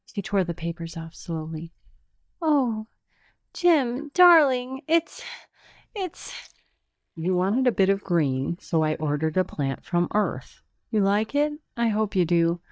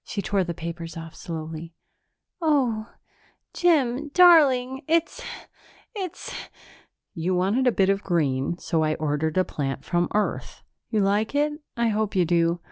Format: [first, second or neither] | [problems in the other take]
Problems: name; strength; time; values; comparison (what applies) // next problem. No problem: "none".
second | noise reduction (neural mask model DeepFilterNet 3)